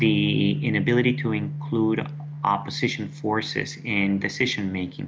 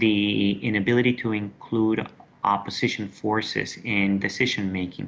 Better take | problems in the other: second | background sound (Bass guitar); 7 dB below the speech

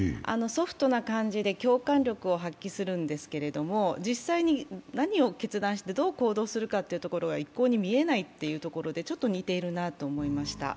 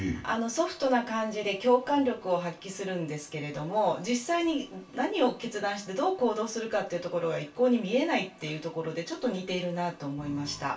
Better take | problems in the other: first | room echo; dies away in 0.2 s

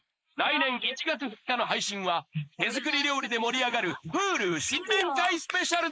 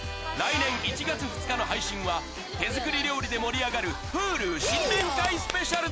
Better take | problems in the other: second | noise reduction (neural mask model Resemble Enhance denoiser)

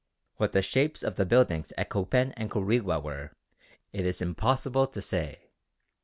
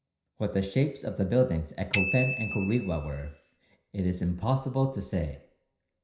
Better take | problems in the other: first | background sound (Bicycle bell); 7 dB below the speech // room echo; dies away in 0.5 s

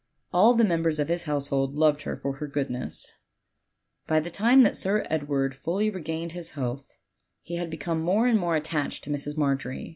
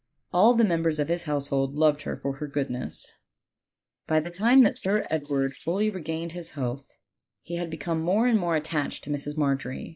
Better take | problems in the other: first | noise reduction (neural mask model Resemble Enhance denoiser)

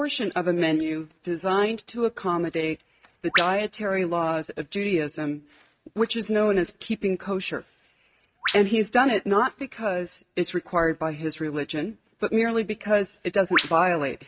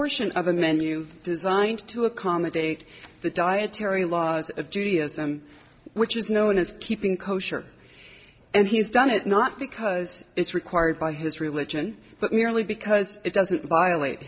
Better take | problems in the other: second | noise reduction (neural mask model RNNoise)

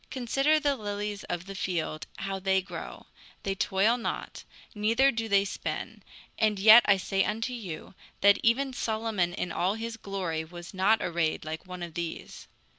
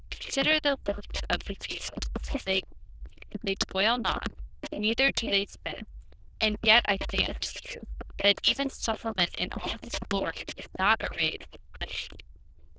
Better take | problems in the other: first | noise reduction (neural diffusion model UNIVERSE++)

